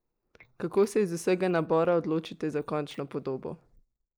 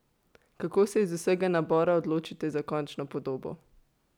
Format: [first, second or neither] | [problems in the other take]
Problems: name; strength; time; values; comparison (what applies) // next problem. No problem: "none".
second | noise reduction (neural mask model Resemble Enhance denoiser)